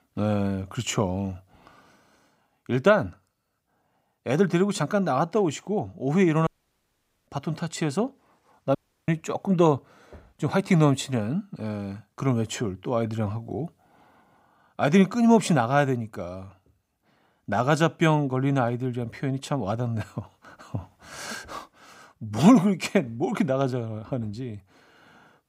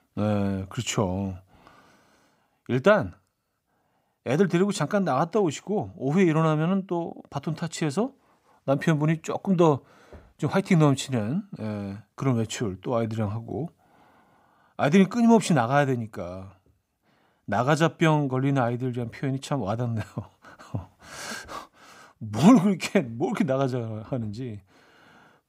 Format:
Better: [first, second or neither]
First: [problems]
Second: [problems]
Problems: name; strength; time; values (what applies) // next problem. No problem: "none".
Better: second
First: audio cutting out; at 6.5 s for 1 s and at 9 s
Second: none